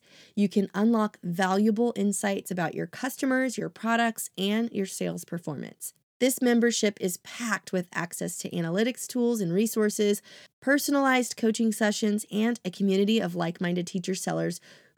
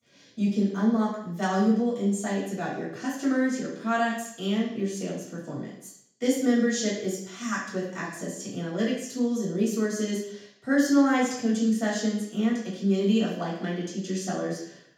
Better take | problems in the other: first | room echo; noticeable; dies away in 0.7 s // off-mic speech; far

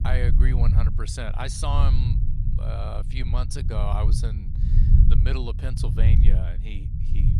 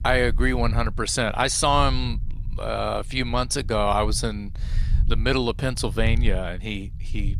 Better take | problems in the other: second | low rumble; loud; throughout; 5 dB below the speech; faint in the second

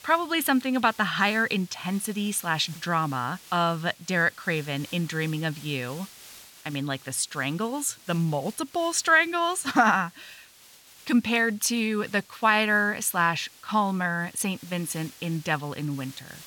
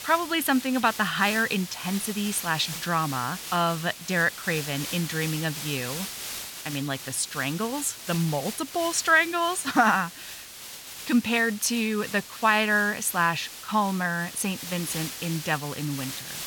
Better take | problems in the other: first | hiss; loud; throughout; 10 dB below the speech; faint in the first

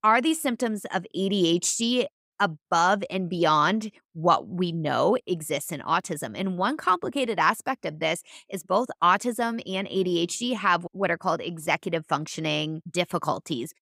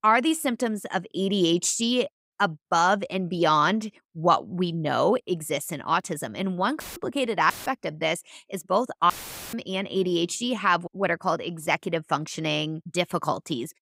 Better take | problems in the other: first | audio cutting out; filled with static; at 7 s, at 7.5 s and at 9 s

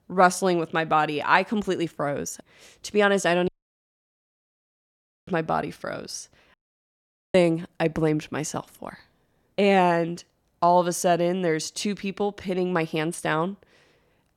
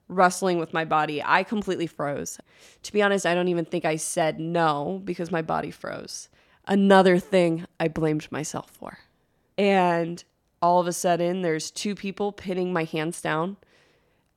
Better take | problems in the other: second | audio cutting out; at 3.5 s for 2 s and at 6.5 s for 1 s

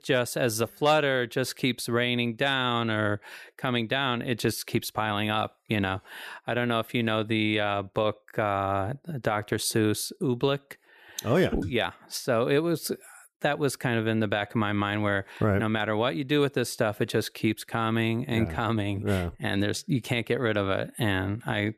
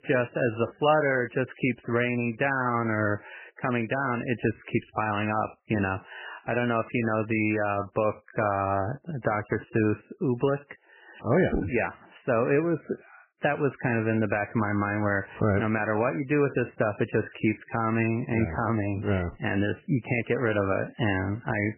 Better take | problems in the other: first | garbled, watery; badly; nothing above 3 kHz

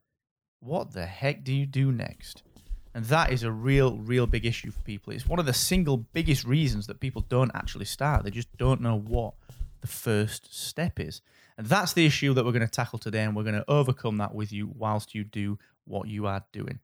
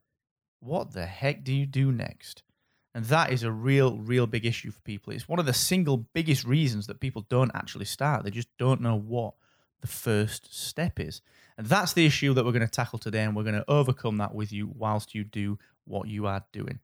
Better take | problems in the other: second | footsteps; noticeable; from 2.5 to 9.5 s; peak 7 dB below the speech

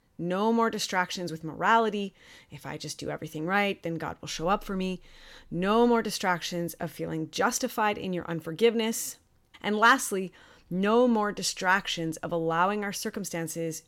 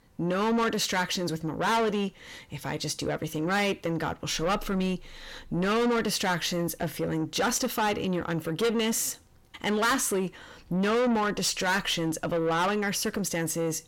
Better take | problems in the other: first | distortion; heavy; 6 dB below the speech

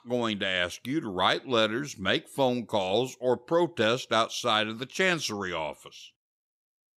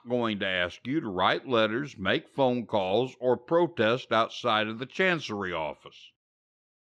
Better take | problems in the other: first | muffled; slightly; fading above 3 kHz

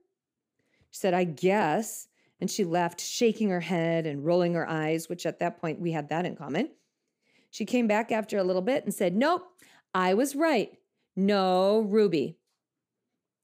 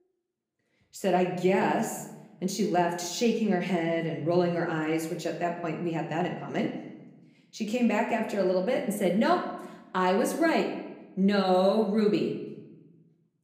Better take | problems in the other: first | room echo; slight; dies away in 0.8 s // off-mic speech; somewhat distant

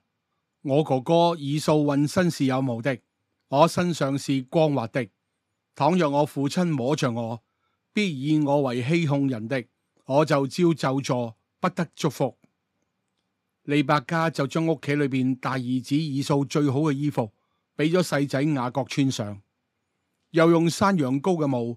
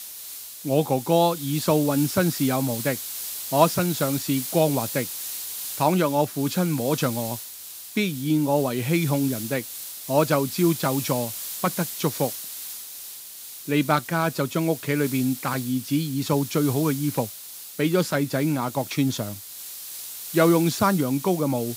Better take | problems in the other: first | hiss; loud; throughout; 9 dB below the speech

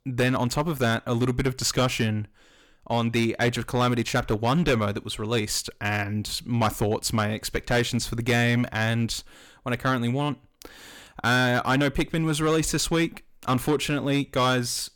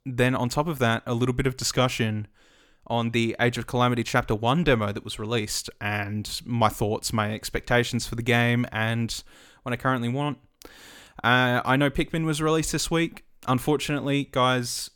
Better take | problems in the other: second | distortion; slight; 6% of the sound clipped

